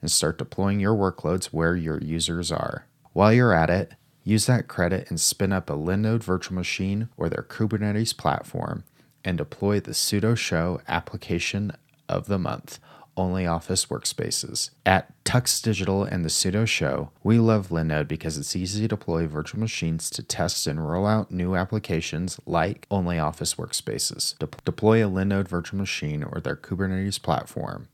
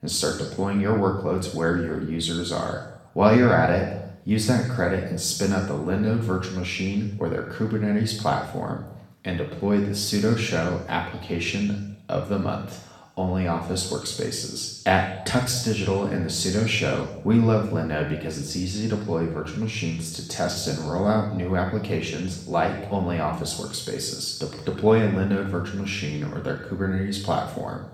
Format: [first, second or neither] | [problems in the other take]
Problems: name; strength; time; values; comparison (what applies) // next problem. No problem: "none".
first | room echo; noticeable; dies away in 0.8 s // off-mic speech; far